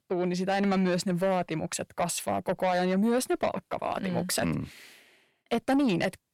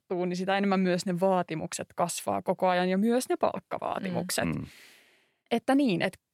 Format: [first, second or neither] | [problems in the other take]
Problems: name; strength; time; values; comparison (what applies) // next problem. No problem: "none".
second | distortion; slight; 10 dB below the speech